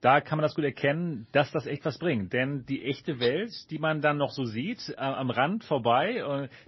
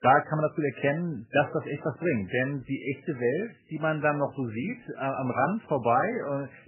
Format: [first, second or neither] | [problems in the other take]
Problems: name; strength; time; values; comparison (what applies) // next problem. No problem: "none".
first | garbled, watery; badly; nothing above 2.5 kHz; slightly in the first